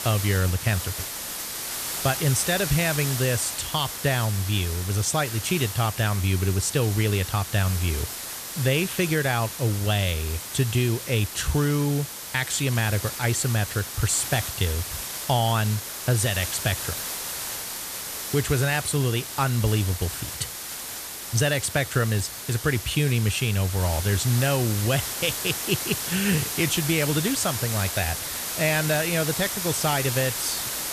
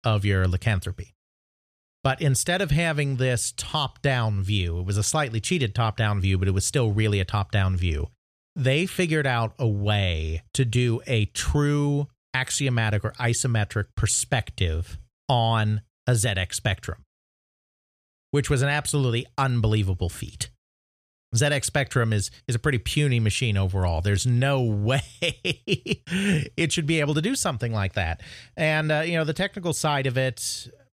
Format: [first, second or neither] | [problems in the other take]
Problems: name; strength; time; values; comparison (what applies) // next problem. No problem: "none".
second | hiss; loud; throughout; 5 dB below the speech